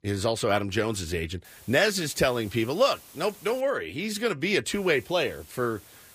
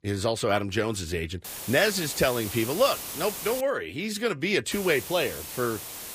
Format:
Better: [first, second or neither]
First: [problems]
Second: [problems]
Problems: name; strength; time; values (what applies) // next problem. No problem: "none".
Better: first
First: hiss; faint; from 1.5 to 3.5 s and from 4.5 s on; 20 dB below the speech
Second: hiss; loud; from 1.5 to 3.5 s and from 4.5 s on; 8 dB below the speech